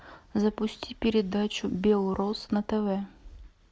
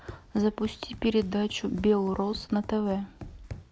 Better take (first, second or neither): first